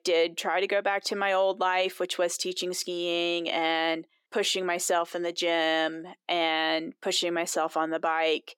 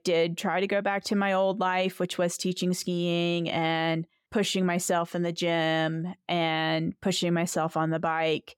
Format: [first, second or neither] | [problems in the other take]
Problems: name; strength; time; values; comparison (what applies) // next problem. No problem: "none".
second | thin; very; fading below 300 Hz